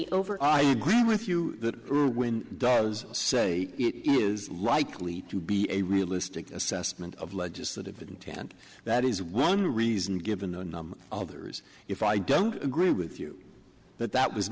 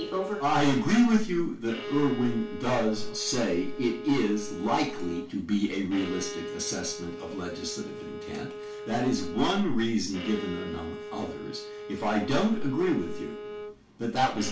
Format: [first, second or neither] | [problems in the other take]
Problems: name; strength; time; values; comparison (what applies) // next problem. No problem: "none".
first | background sound (Bowed string instrument); 11 dB below the speech // room echo; dies away in 0.3 s